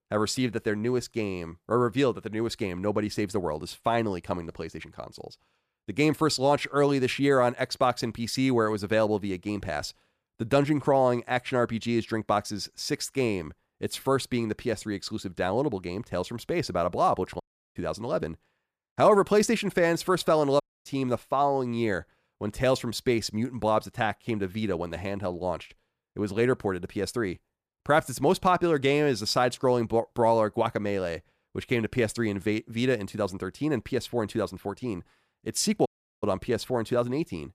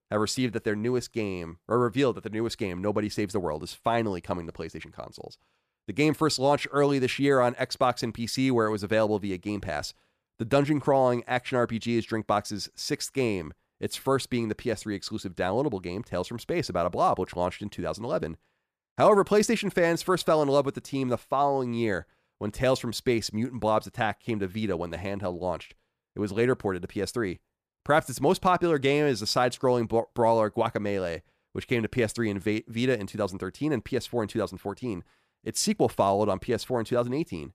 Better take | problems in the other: second | audio cutting out; at 17 s, at 21 s and at 36 s

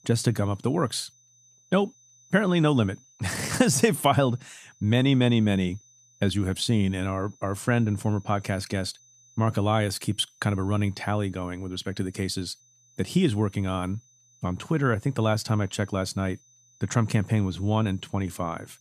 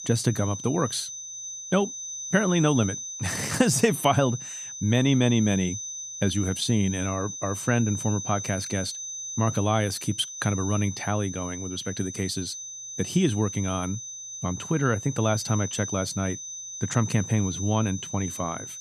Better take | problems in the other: first | high-pitched whine; loud; throughout; 6 kHz, 8 dB below the speech; faint in the first

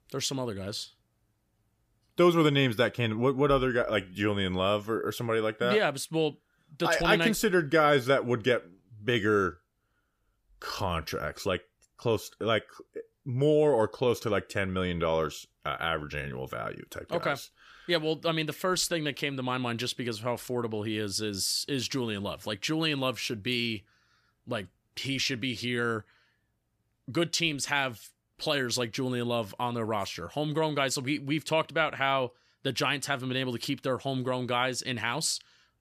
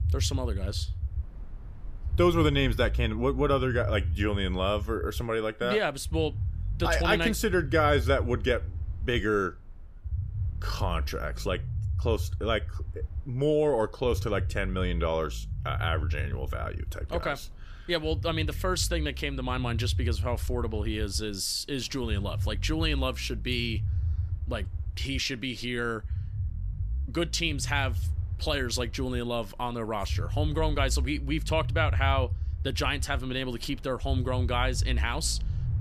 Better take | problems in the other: first | low rumble; faint; throughout; 20 dB below the speech

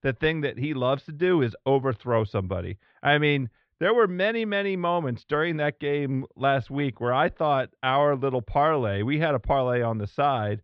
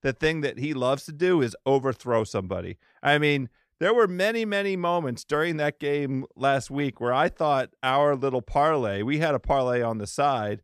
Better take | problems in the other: second | muffled; slightly; fading above 4 kHz

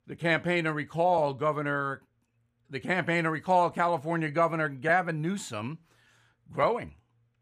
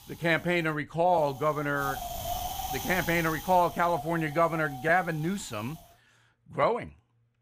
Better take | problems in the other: first | wind noise on the microphone; occasional gusts; until 6 s; 10 dB below the speech

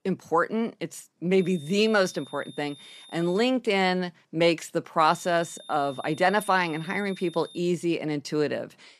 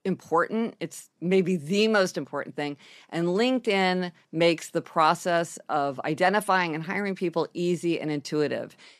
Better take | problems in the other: second | high-pitched whine; faint; from 1.5 to 3.5 s and from 5 to 7.5 s; 3.5 kHz, 20 dB below the speech

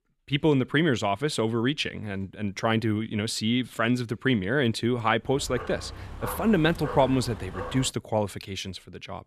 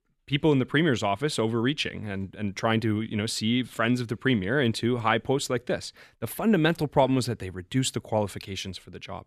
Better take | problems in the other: second | dog barking; noticeable; from 5.5 to 8 s; peak 9 dB below the speech

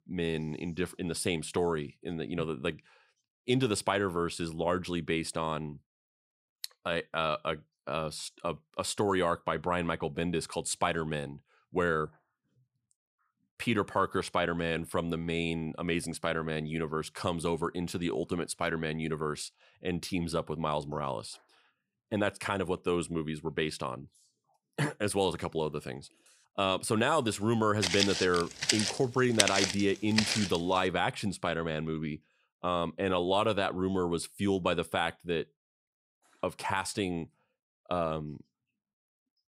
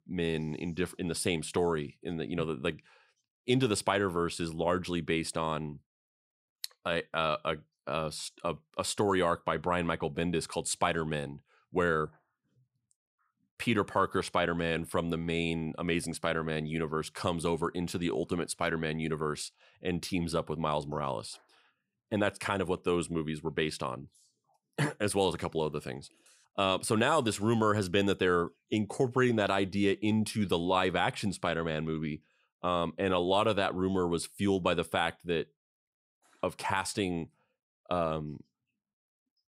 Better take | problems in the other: second | footsteps; loud; from 28 to 31 s; peak 6 dB above the speech

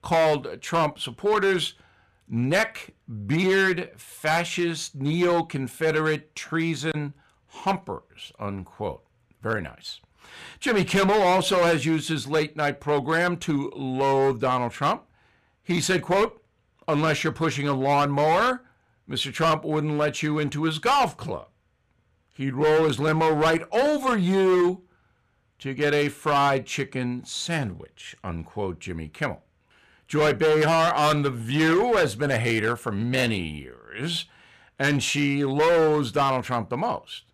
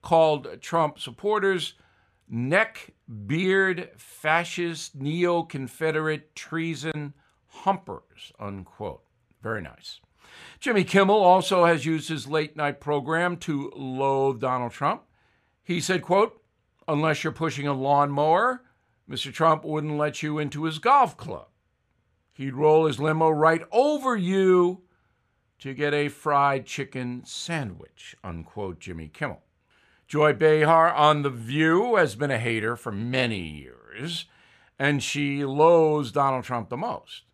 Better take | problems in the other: second | distortion; heavy; 9% of the sound clipped

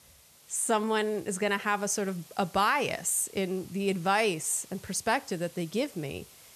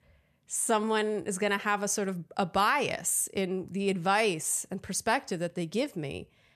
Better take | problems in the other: second | hiss; faint; throughout; 20 dB below the speech

